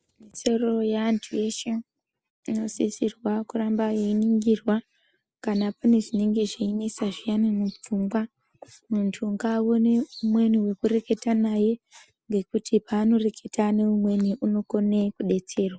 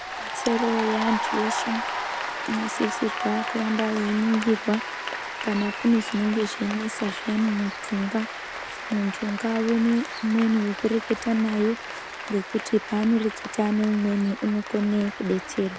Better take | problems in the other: first | background sound (Applause / Cheering); 7 dB below the speech

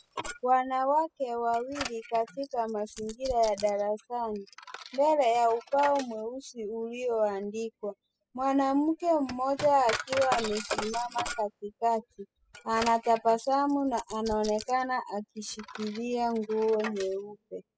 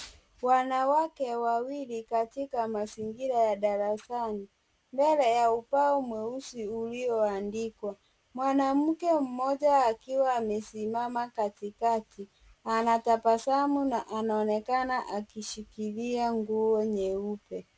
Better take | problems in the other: second | noise reduction (classical method spectral subtraction)

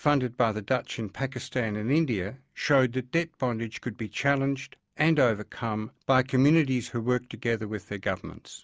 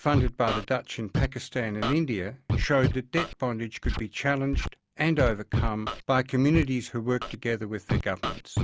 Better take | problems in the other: first | background sound (Scratching (performance technique)); 3 dB below the speech

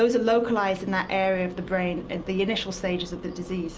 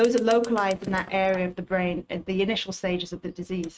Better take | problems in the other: first | noise reduction (neural mask model RNNoise)

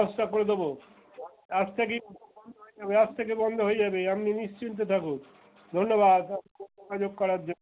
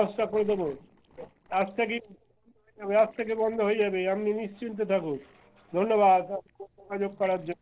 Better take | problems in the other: first | noise reduction (neural separator model SepFormer DNS4)

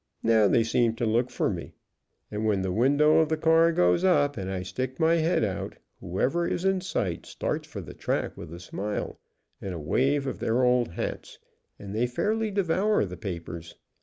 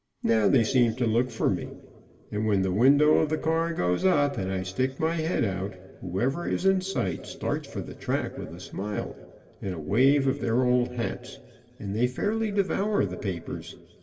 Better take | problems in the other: first | room echo; dies away in 2 s

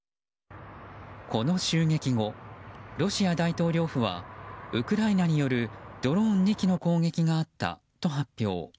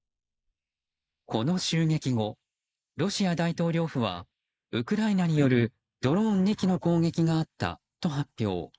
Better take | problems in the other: first | noise reduction (neural mask model Resemble Enhance denoiser)

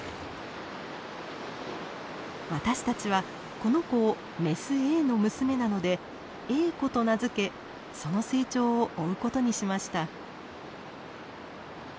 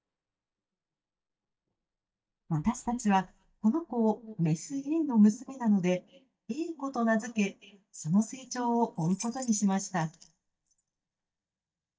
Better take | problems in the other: first | noise reduction (neural mask model DeepFilterNet 3)

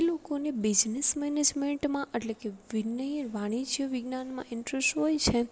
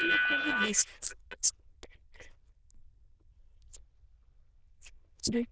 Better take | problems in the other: first | noise reduction (neural diffusion model UNIVERSE++)

